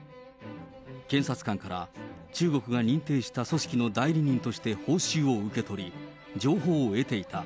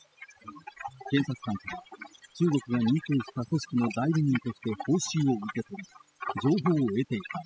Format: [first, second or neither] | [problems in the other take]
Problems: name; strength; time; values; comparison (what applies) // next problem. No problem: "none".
first | noise reduction (classical method spectral subtraction)